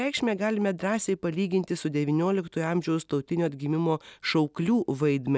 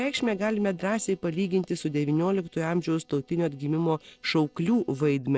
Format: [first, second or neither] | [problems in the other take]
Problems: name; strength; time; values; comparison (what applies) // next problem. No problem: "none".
first | noise reduction (neural separator model SepFormer DNS4)